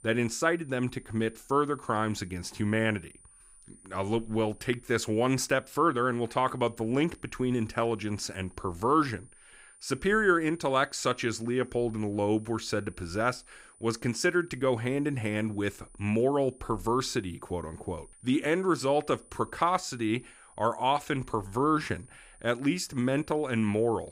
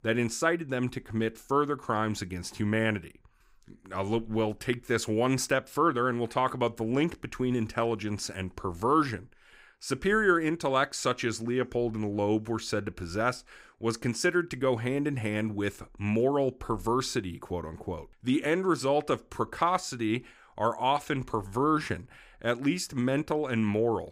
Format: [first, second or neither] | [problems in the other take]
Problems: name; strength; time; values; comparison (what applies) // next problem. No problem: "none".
second | high-pitched whine; faint; throughout; 9.5 kHz, 25 dB below the speech